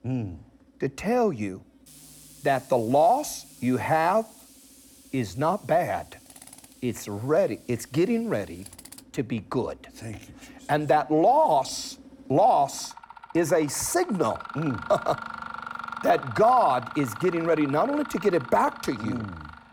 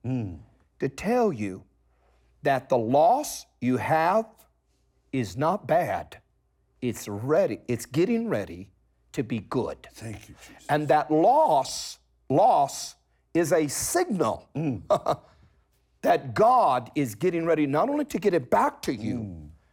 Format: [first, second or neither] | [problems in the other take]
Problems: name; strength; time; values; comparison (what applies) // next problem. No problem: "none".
second | machinery noise; noticeable; throughout; 15 dB below the speech